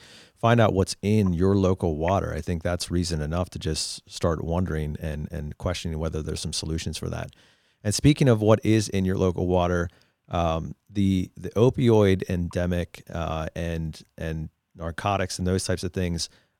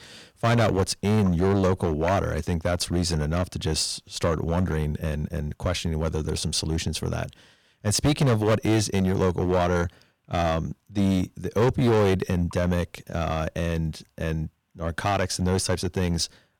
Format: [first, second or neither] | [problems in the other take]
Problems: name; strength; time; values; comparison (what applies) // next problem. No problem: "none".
first | distortion; heavy; 8% of the sound clipped